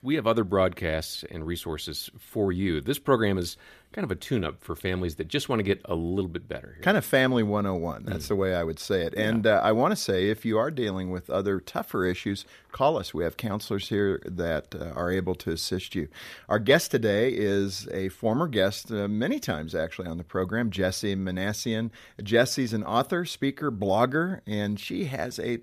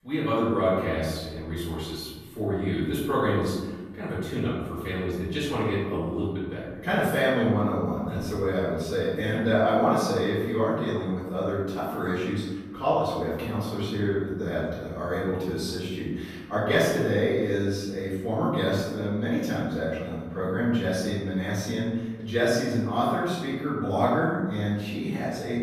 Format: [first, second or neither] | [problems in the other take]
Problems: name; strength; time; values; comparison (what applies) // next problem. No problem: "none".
first | off-mic speech; far // room echo; strong; dies away in 1.2 s